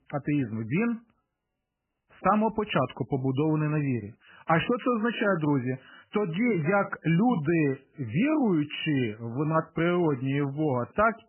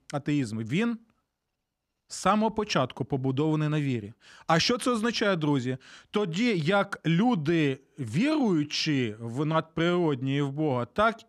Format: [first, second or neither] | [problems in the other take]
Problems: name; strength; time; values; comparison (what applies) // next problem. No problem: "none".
second | garbled, watery; badly; nothing above 3 kHz